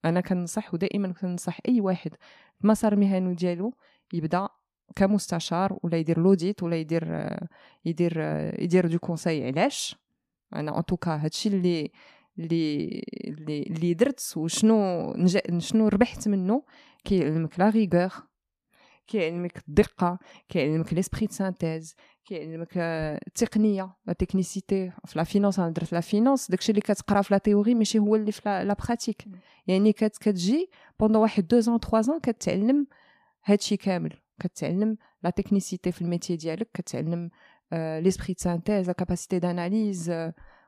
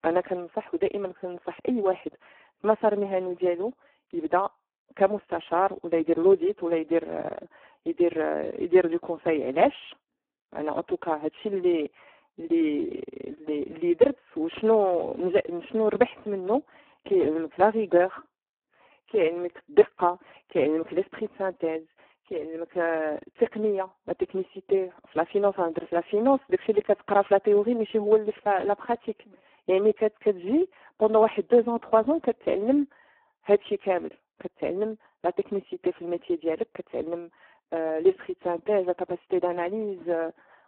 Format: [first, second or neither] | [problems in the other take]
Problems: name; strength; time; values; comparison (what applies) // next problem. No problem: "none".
first | phone-call audio; poor line